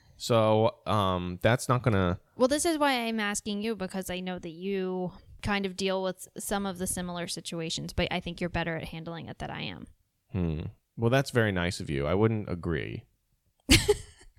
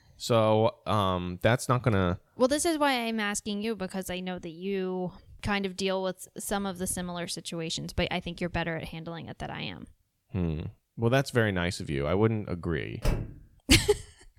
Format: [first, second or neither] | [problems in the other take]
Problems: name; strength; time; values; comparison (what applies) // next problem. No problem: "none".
first | door banging; noticeable; at 13 s; peak 4 dB below the speech